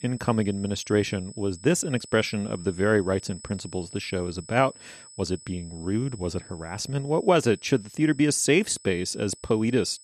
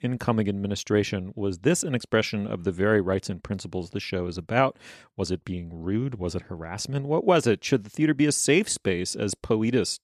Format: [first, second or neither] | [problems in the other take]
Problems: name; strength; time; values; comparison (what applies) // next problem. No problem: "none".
second | high-pitched whine; noticeable; throughout; 8 kHz, 20 dB below the speech